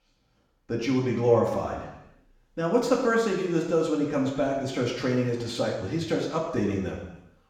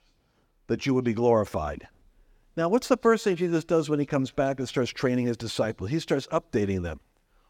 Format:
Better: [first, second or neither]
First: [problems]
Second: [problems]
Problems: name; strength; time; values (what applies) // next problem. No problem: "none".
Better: second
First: room echo; noticeable; dies away in 0.9 s // off-mic speech; somewhat distant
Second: none